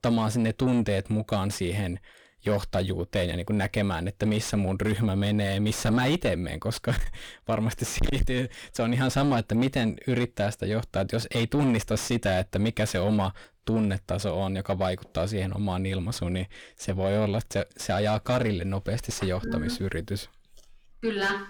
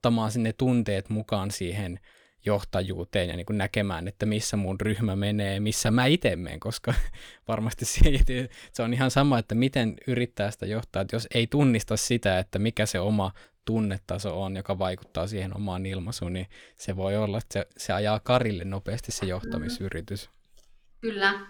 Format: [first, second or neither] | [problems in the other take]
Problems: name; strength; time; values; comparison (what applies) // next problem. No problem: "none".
second | distortion; heavy; 7 dB below the speech